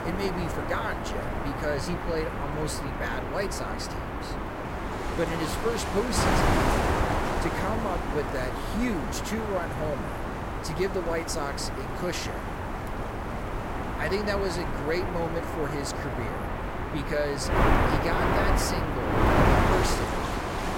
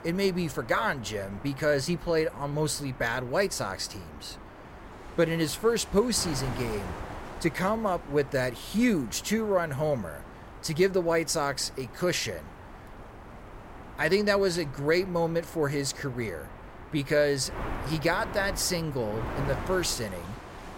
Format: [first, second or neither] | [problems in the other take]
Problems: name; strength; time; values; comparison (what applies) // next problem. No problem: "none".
second | wind noise on the microphone; heavy; 3 dB above the speech; occasional gusts in the second